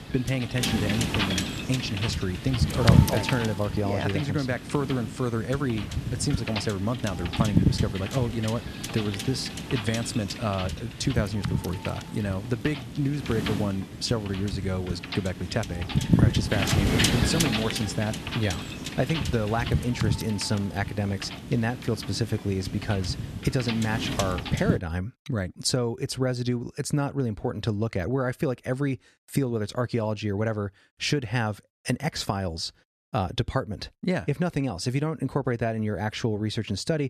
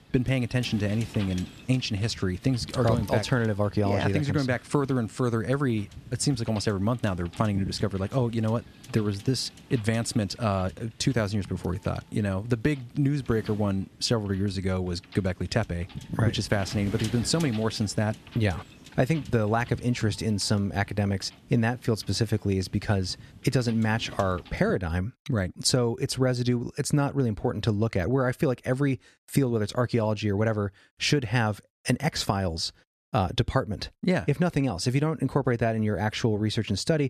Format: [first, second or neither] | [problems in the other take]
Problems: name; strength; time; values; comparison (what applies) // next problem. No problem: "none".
second | wind noise on the microphone; heavy; until 25 s; 1 dB below the speech; occasional gusts in the second